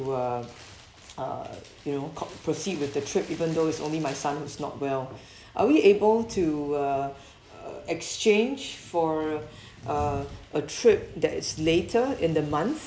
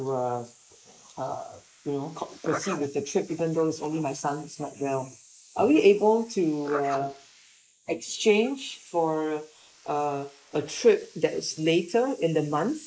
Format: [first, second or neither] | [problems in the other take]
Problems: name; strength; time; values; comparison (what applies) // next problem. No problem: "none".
first | noise reduction (neural mask model Resemble Enhance denoiser)